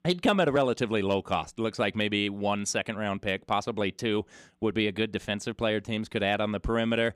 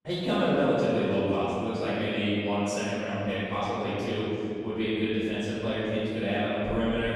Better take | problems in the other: first | off-mic speech; far // room echo; strong; dies away in 2.8 s

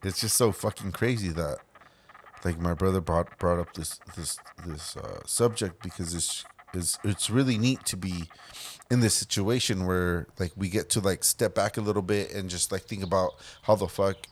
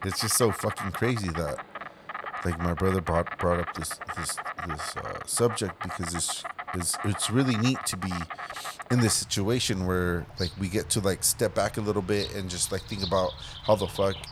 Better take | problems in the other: first | animal sounds; loud; throughout; 9 dB below the speech; faint in the first

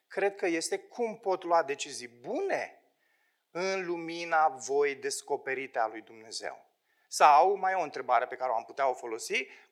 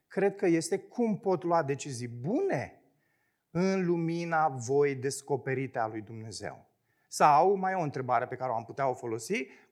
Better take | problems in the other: second | thin; very; fading below 550 Hz

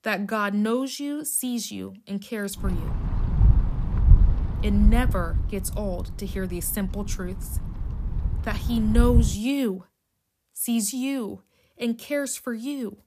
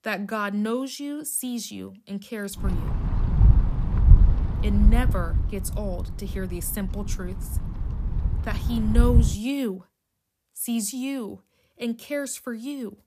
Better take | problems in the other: first | wind noise on the microphone; heavy; from 2.5 to 9.5 s; 8 dB below the speech; occasional gusts in the first

